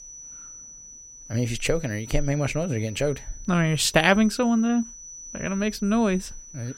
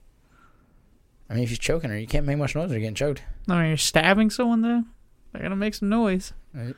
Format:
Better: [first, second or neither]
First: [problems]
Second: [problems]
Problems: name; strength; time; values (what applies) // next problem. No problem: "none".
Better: second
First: high-pitched whine; noticeable; throughout; 6 kHz, 15 dB below the speech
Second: none